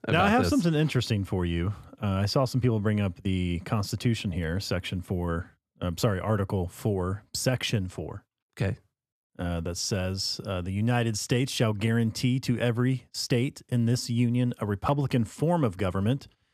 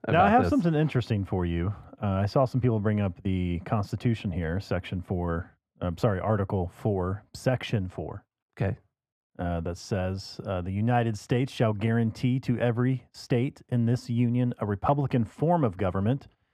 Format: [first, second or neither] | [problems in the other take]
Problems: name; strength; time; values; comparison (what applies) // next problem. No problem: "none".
first | muffled; slightly; fading above 3 kHz